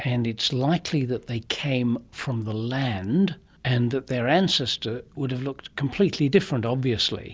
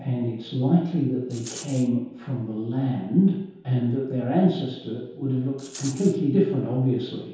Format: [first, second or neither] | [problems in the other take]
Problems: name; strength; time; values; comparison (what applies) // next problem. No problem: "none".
first | background sound (Rattle); 16 dB below the speech // room echo; dies away in 0.8 s